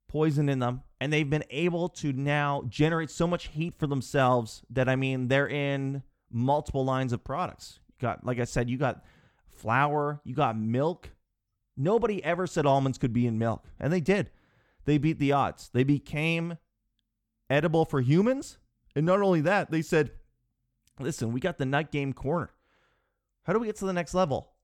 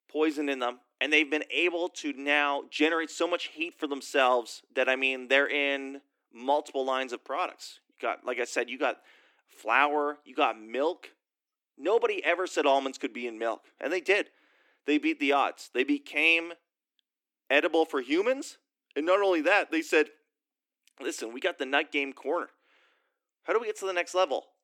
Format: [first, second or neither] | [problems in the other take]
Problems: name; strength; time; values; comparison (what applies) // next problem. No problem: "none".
first | thin; somewhat; fading below 300 Hz